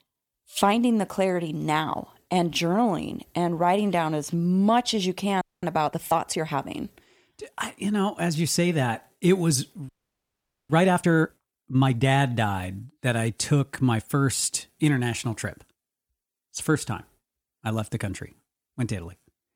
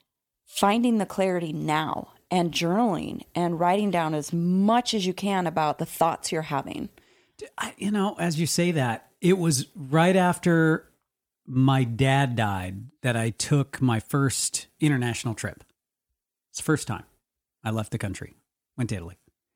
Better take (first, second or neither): second